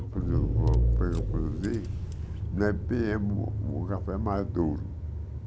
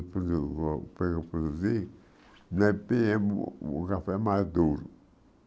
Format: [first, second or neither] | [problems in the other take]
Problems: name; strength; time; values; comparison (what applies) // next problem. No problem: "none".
second | background sound (Engine / Car); 3 dB above the speech